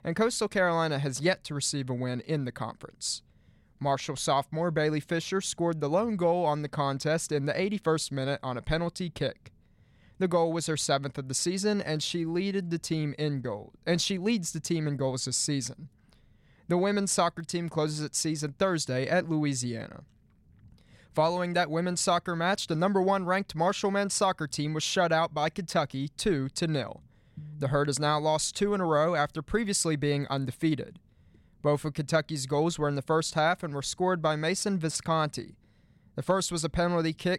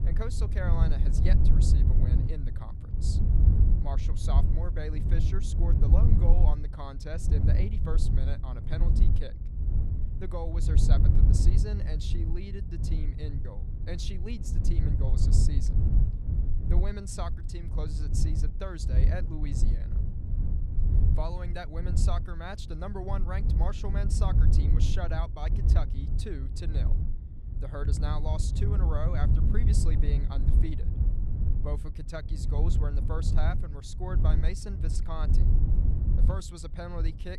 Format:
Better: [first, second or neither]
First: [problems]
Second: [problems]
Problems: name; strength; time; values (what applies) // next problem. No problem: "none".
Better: first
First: none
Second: wind noise on the microphone; heavy; 3 dB below the speech